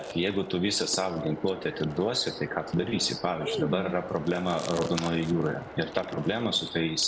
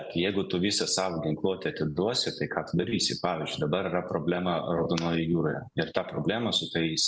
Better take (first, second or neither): second